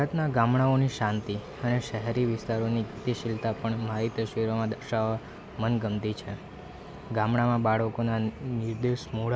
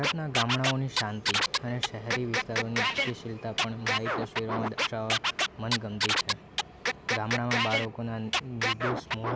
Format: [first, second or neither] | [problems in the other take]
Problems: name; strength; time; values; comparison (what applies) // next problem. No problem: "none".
first | background sound (Scratching (performance technique)); 3 dB above the speech